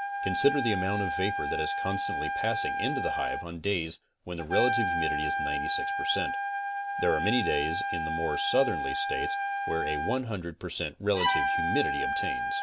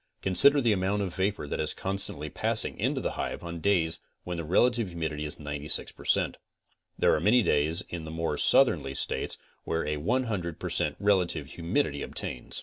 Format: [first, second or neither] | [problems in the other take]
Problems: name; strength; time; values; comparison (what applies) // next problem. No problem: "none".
second | background sound (Trumpet + Bowed string instrument); 1 dB above the speech